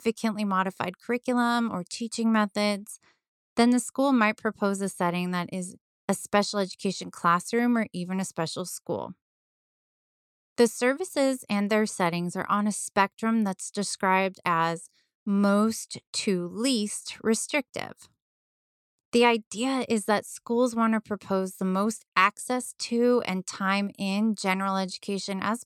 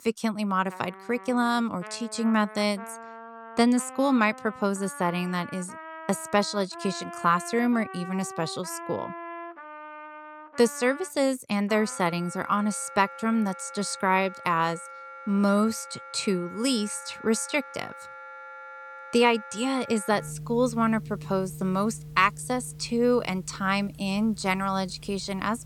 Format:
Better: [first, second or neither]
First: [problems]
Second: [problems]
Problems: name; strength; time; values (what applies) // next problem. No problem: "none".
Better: first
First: none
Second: background music; noticeable; throughout; 15 dB below the speech